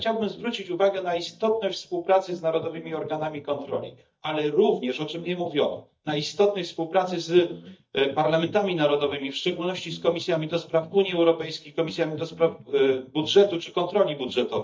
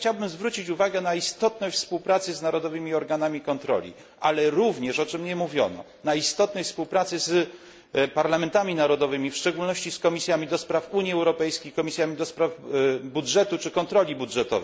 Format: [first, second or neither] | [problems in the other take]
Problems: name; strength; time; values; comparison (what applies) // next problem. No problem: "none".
second | noise reduction (neural mask model DeepFilterNet 3)